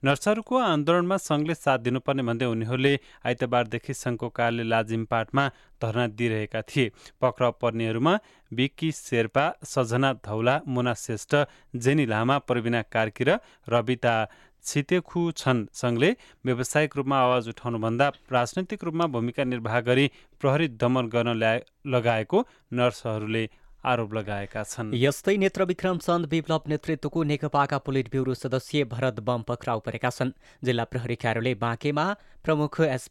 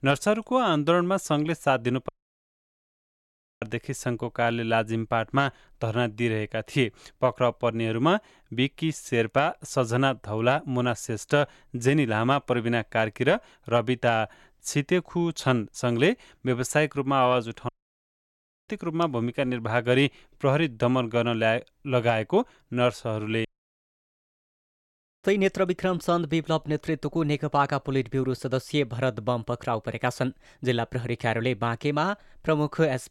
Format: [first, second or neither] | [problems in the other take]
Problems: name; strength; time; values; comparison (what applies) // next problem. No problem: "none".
first | audio cutting out; at 2 s for 1.5 s, at 18 s for 1 s and at 23 s for 2 s